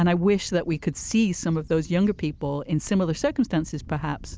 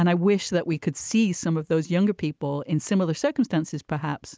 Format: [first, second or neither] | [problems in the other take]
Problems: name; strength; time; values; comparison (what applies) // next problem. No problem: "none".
second | background sound (Wind / Bird); 19 dB below the speech